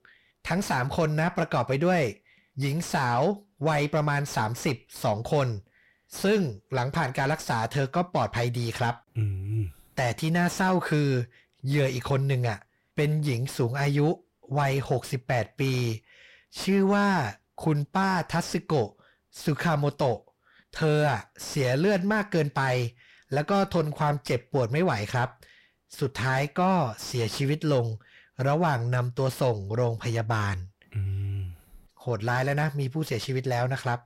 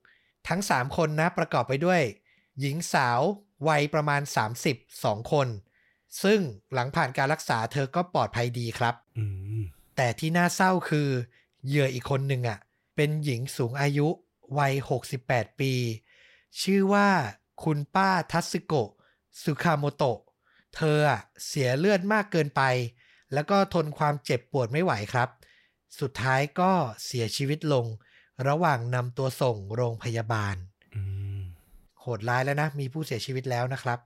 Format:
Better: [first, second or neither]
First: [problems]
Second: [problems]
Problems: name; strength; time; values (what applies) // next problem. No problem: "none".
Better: second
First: distortion; slight; 10 dB below the speech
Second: none